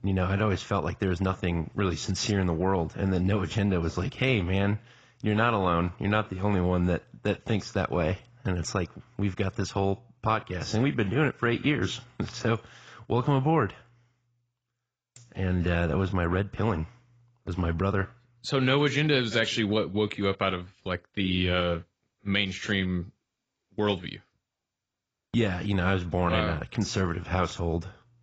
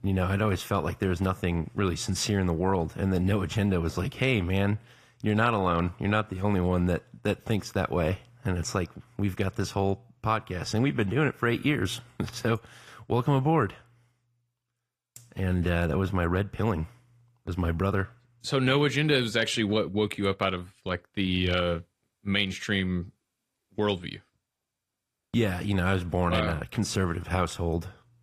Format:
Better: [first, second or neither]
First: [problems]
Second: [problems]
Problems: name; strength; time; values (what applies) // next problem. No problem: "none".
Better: second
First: garbled, watery; badly; nothing above 7.5 kHz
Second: garbled, watery; slightly; nothing above 14.5 kHz